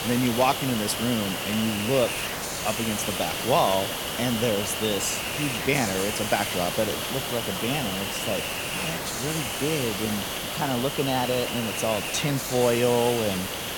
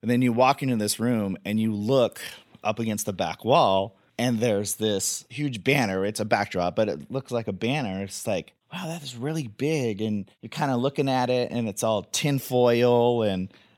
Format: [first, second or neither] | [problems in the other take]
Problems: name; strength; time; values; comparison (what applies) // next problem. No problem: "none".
second | hiss; loud; throughout; 1 dB below the speech